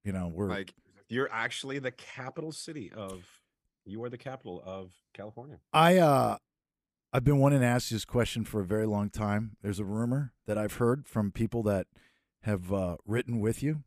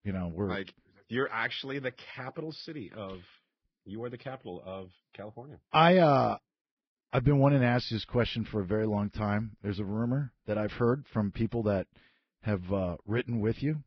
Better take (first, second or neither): first